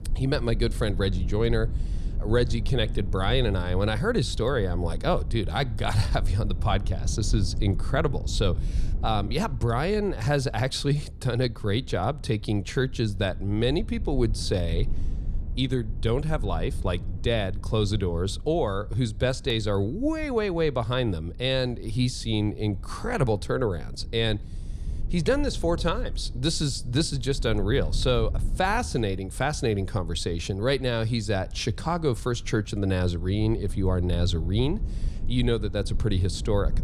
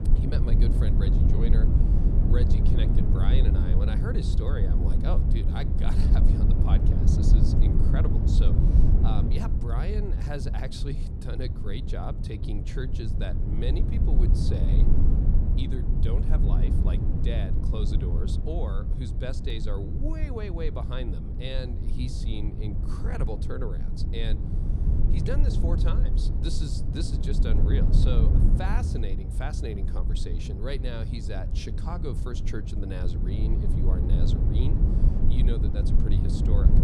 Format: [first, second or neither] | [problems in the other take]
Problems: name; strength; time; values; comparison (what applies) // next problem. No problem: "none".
first | low rumble; loud; throughout; as loud as the speech; faint in the first